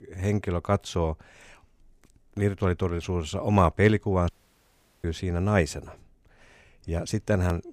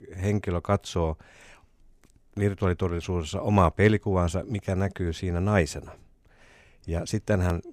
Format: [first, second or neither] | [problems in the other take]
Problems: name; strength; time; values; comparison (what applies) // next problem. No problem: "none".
second | audio cutting out; at 4.5 s for 1 s